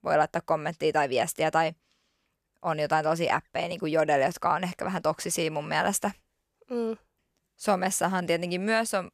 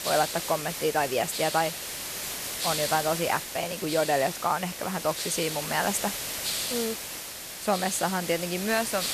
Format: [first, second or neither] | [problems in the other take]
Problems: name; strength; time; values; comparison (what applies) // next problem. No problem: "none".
first | hiss; loud; throughout; 3 dB below the speech